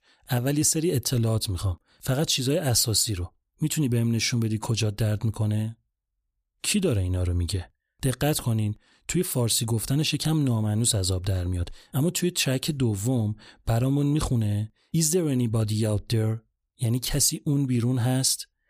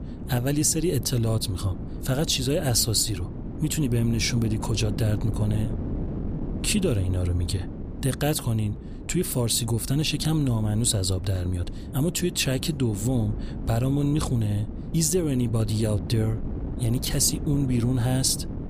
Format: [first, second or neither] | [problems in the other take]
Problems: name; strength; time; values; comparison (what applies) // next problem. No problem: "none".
first | wind noise on the microphone; occasional gusts; 15 dB below the speech